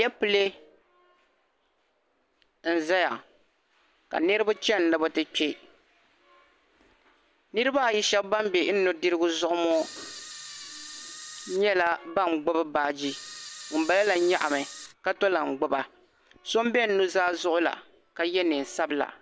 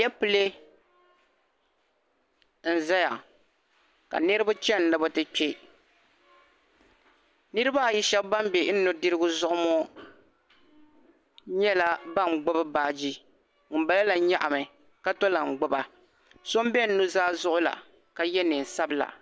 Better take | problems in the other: second | background sound (Camera); 14 dB below the speech

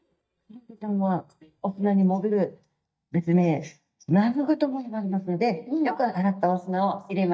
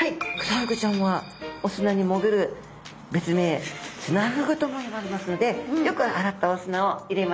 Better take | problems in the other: second | noise reduction (neural mask model DeepFilterNet 3)

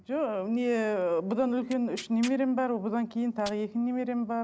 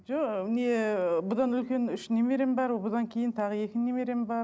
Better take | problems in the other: second | background sound (Tearing); 19 dB below the speech

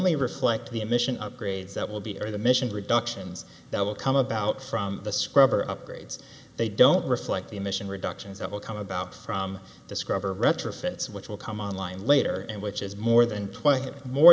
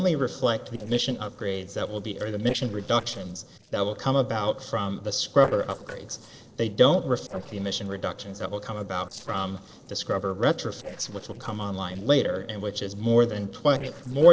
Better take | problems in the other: first | noise reduction (neural separator model SepFormer DNS4)

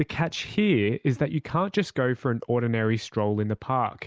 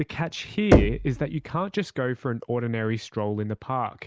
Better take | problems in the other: first | background sound (Knock); 2 dB above the speech

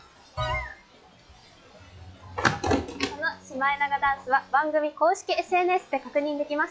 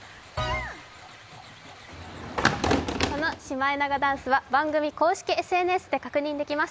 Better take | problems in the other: second | noise reduction (classical method log-MMSE)

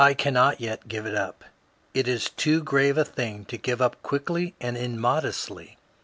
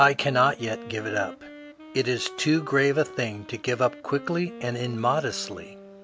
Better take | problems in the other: first | background sound (Wind instrument, woodwind instrument); 16 dB below the speech

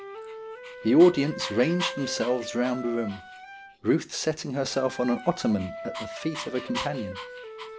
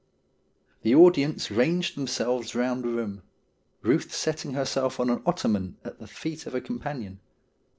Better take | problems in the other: second | background sound (Dog + Wind instrument, woodwind instrument); 11 dB below the speech

